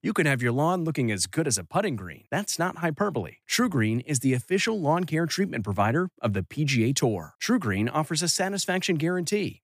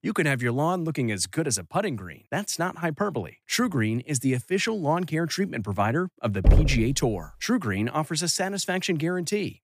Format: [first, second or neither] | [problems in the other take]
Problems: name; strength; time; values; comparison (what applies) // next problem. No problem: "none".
first | door banging; loud; at 6.5 s; peak 5 dB above the speech